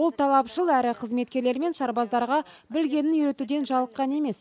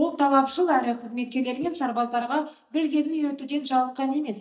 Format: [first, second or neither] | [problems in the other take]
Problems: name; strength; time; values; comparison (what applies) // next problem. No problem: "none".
first | noise reduction (neural mask model DeepFilterNet 3)